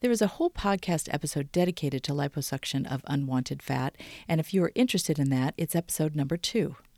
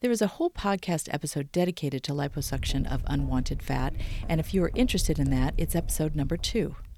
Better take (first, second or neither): first